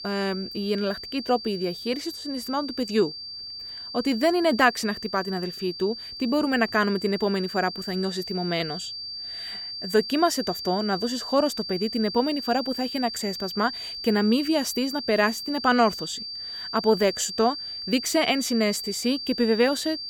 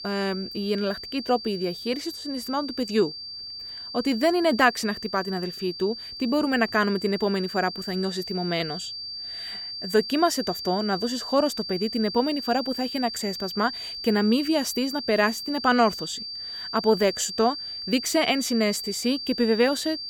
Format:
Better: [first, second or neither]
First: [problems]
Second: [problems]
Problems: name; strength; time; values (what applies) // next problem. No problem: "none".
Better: neither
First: high-pitched whine; loud; throughout; 4.5 kHz, 8 dB below the speech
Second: high-pitched whine; loud; throughout; 4.5 kHz, 8 dB below the speech